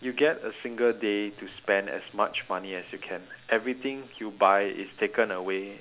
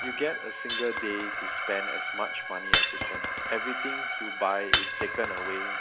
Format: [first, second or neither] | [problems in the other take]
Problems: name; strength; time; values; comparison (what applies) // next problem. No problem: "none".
first | background sound (Alarm + Shatter); 3 dB above the speech